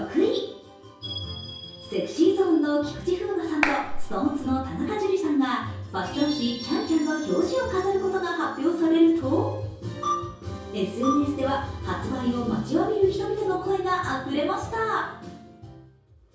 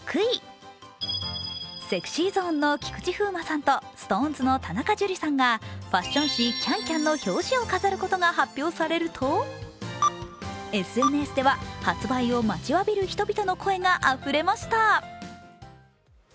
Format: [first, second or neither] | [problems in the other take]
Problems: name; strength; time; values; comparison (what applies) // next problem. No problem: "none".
second | background sound (Clapping); 2 dB below the speech // room echo; dies away in 0.6 s